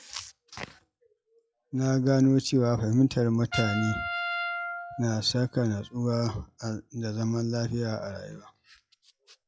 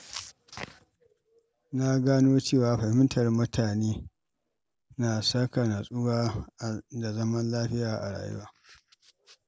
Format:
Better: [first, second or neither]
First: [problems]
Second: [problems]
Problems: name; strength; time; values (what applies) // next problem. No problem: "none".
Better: second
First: noise reduction (classical method log-MMSE)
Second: none